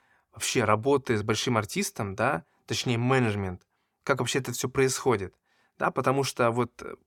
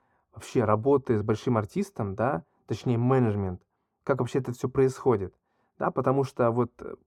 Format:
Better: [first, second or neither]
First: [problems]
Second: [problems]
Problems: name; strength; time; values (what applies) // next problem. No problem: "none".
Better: first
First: none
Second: muffled; slightly; fading above 1 kHz